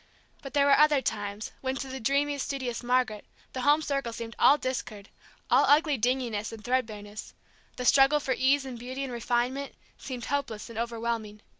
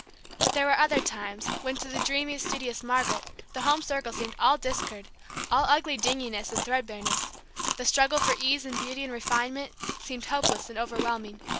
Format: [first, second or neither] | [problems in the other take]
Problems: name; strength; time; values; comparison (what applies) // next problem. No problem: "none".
first | background sound (Chewing, mastication); 5 dB below the speech